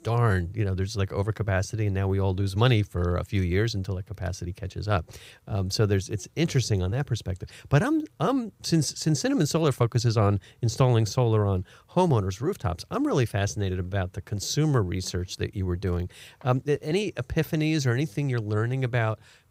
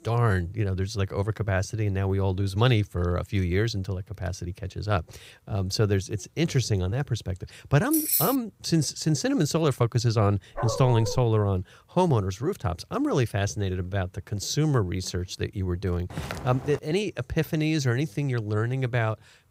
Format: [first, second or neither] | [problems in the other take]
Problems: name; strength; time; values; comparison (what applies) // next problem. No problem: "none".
first | jangling keys; loud; at 8 s; peak 4 dB above the speech // dog barking; noticeable; at 11 s; peak 6 dB below the speech // footsteps; noticeable; at 16 s; peak 8 dB below the speech